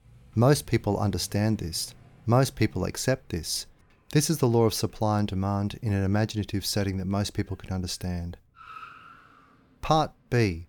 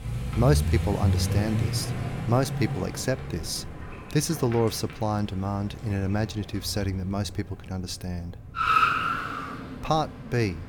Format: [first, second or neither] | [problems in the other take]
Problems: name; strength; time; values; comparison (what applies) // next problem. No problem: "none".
first | traffic noise; loud; throughout; as loud as the speech; faint in the first